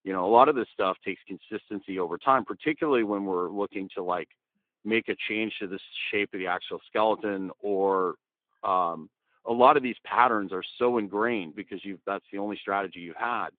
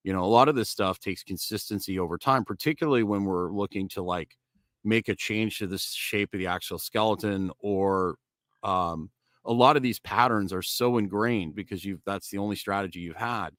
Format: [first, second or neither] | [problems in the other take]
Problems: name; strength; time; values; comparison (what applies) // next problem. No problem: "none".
second | phone-call audio; nothing above 3.5 kHz